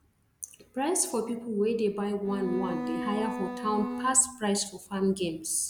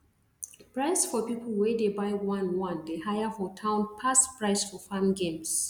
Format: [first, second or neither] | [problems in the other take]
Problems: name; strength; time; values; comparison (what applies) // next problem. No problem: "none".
second | background sound (Bowed string instrument); 6 dB below the speech